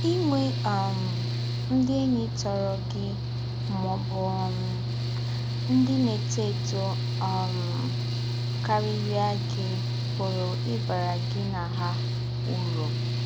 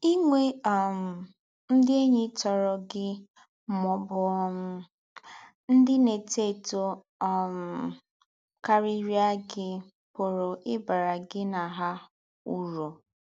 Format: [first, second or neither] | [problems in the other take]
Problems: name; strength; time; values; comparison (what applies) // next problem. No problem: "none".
second | background sound (Mechanical fan / Engine); 2 dB above the speech